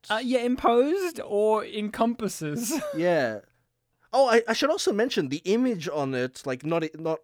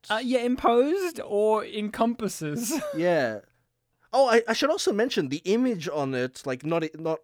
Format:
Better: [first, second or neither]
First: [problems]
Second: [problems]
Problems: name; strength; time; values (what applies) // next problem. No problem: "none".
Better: neither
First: none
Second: none